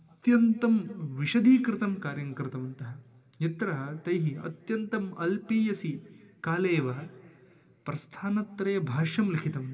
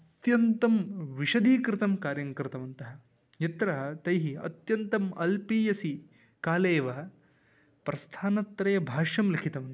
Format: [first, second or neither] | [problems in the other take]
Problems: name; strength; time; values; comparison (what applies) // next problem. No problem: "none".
second | room echo; dies away in 2.7 s